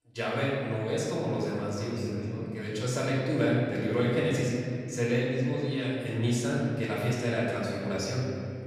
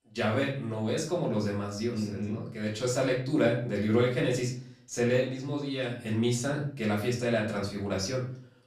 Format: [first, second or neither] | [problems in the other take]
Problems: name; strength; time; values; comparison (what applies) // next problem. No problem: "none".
second | room echo; strong; dies away in 2.4 s; slight in the second // off-mic speech; far; far in the second